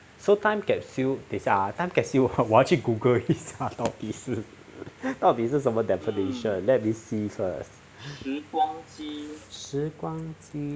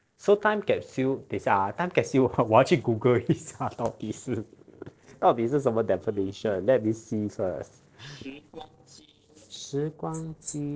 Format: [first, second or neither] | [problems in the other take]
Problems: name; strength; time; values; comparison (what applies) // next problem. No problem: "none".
first | noise reduction (neural separator model SepFormer DNS4)